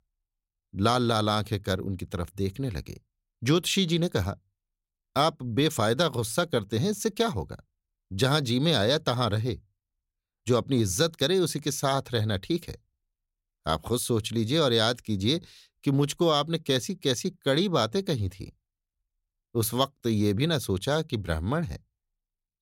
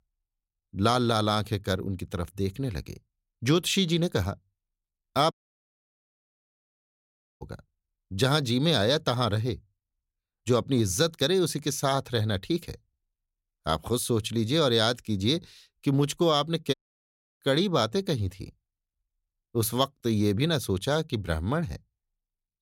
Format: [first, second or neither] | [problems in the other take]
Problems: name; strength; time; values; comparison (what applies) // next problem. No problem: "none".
first | audio cutting out; at 5.5 s for 2 s and at 17 s for 0.5 s